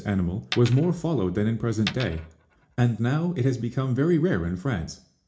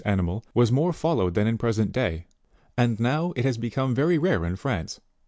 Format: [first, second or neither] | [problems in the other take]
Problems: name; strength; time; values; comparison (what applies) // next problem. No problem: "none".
second | background sound (Coin (dropping)); 14 dB below the speech // room echo; dies away in 0.4 s